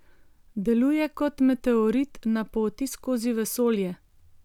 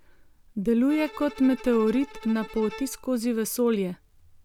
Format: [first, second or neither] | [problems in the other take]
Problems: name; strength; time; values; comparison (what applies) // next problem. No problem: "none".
first | background sound (Bowed string instrument); 19 dB below the speech